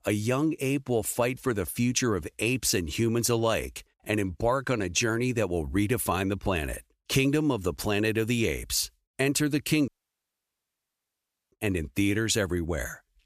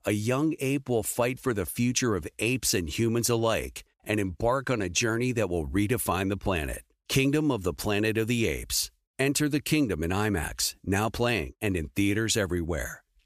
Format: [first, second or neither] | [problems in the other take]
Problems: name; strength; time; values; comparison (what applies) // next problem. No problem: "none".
second | audio cutting out; at 10 s for 1.5 s